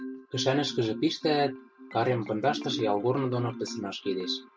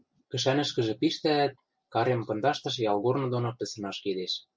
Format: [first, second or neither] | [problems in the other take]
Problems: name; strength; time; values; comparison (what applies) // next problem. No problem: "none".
second | background sound (Marimba, xylophone); 10 dB below the speech